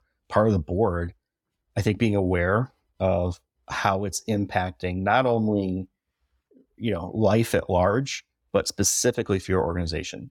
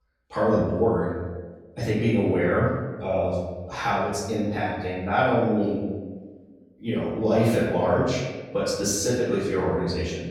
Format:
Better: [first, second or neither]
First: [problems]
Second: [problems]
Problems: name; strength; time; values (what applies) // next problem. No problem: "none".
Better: first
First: none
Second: room echo; noticeable; dies away in 1.2 s // off-mic speech; far